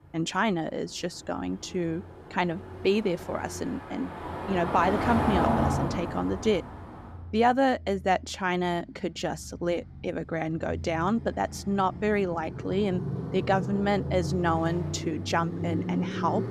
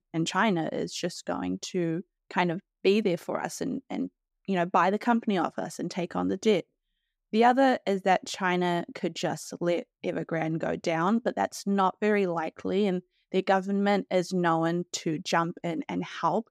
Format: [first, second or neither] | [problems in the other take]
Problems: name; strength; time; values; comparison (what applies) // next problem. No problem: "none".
second | traffic noise; loud; throughout; 4 dB below the speech